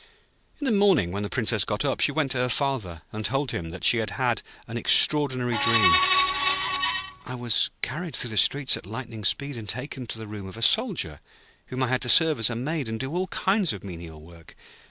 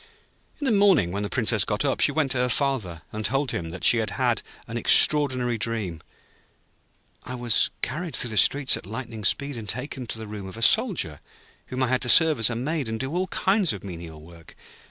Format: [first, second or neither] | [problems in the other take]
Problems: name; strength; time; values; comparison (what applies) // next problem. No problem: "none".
second | background sound (Screech); 4 dB above the speech